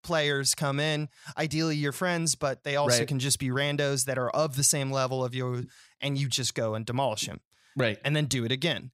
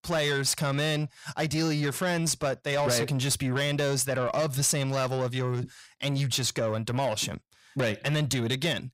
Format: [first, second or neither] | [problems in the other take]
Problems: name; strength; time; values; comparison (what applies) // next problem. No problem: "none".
first | distortion; slight; 10 dB below the speech